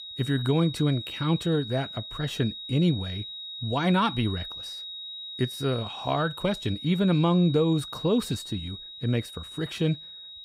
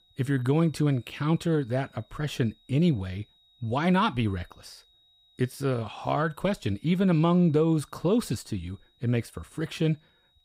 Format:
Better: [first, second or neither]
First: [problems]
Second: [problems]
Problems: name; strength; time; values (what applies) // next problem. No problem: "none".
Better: second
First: high-pitched whine; loud; throughout; 4 kHz, 10 dB below the speech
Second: high-pitched whine; faint; throughout; 4 kHz, 35 dB below the speech